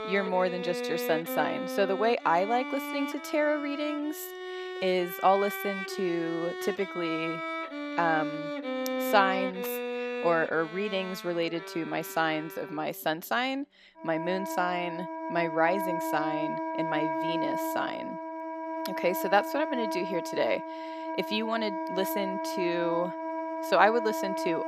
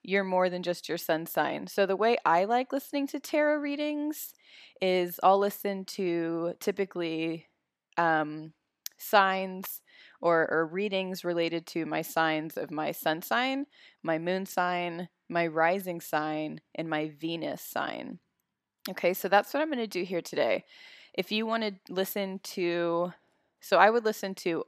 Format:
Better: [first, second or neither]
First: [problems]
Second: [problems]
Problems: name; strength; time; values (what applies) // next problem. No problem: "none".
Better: second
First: background music; loud; throughout; 5 dB below the speech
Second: none